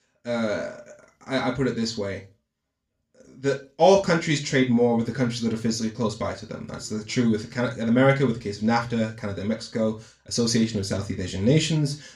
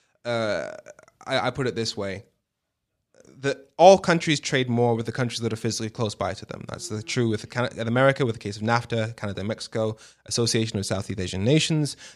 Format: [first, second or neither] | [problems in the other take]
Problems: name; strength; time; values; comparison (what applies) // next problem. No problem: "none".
second | room echo; very slight; dies away in 0.3 s // off-mic speech; far